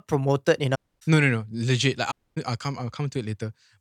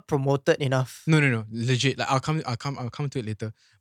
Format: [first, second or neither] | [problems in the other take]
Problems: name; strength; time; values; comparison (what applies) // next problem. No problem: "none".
second | audio cutting out; at 1 s and at 2 s